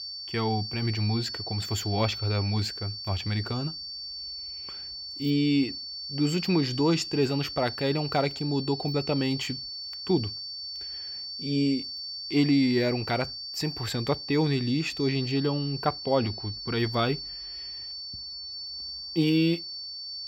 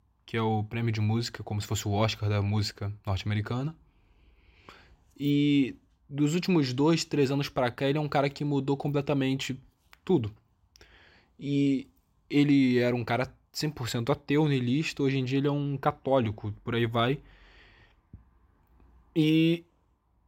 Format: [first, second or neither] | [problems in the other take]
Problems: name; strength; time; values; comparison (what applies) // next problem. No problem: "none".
second | high-pitched whine; loud; throughout; 4.5 kHz, 7 dB below the speech